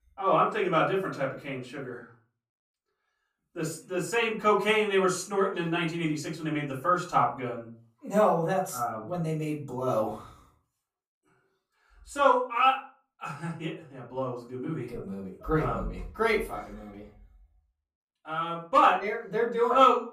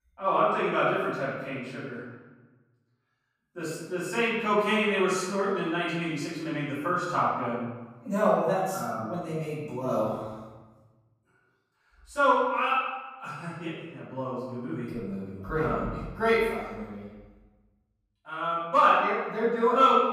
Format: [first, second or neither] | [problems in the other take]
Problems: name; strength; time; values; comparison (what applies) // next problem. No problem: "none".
first | room echo; strong; dies away in 1.1 s; slight in the first // off-mic speech; far; far in the first